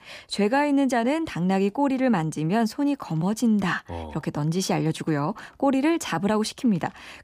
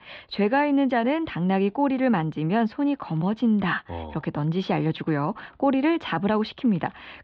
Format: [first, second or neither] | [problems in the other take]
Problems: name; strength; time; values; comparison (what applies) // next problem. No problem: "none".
first | muffled; slightly; fading above 3.5 kHz